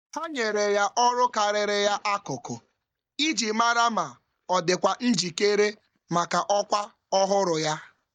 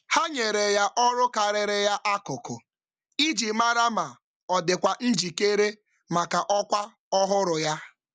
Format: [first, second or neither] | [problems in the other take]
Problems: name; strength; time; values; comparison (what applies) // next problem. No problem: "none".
second | noise reduction (neural mask model DeepFilterNet 3)